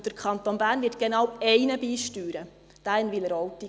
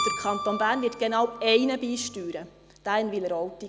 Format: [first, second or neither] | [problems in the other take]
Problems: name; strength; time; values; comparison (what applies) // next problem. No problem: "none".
first | background sound (Keyboard (musical)); 10 dB below the speech